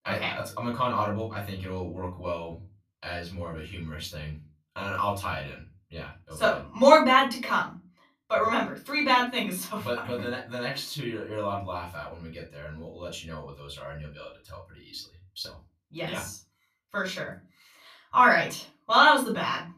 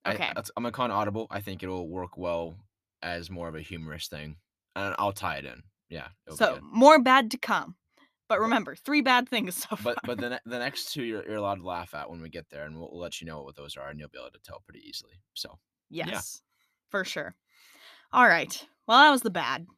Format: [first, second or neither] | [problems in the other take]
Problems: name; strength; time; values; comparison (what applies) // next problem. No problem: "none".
second | room echo; slight; dies away in 0.3 s // off-mic speech; far